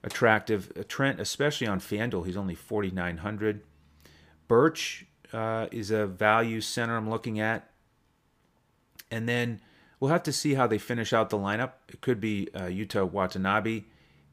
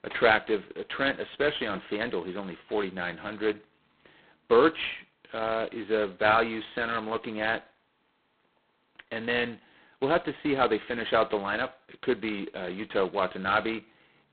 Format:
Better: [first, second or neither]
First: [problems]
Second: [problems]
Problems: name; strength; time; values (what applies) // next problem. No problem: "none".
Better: first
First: none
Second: phone-call audio; poor line; nothing above 4 kHz